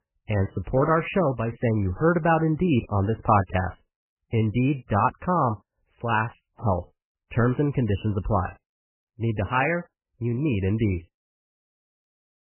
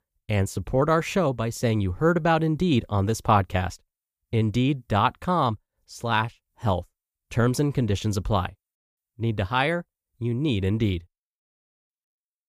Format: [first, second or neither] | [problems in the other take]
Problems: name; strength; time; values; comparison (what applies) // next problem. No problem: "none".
second | garbled, watery; badly; nothing above 3 kHz